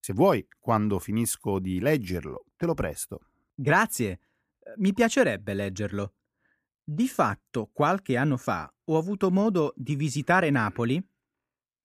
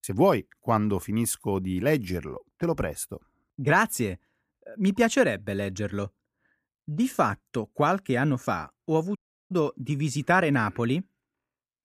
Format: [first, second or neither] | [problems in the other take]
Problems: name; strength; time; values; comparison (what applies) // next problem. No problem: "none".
first | audio cutting out; at 9 s